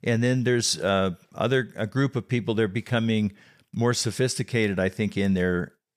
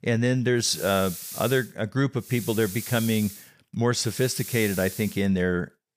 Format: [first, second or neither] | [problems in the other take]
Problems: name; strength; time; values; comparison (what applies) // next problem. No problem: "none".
first | hiss; noticeable; at 0.5 s, from 2.5 to 3.5 s and from 4 to 5 s; 10 dB below the speech